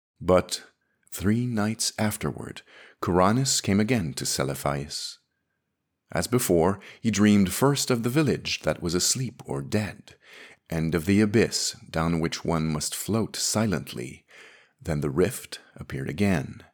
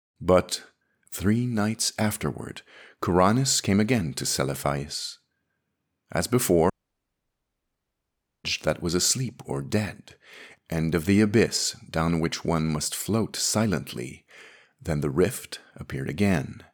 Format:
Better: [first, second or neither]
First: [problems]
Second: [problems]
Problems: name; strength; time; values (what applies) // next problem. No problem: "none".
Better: first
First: none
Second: audio cutting out; at 6.5 s for 1.5 s